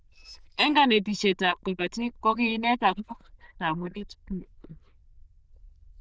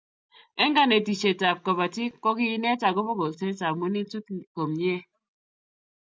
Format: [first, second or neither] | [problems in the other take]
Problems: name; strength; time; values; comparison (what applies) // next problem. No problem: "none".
second | noise reduction (neural diffusion model UNIVERSE++)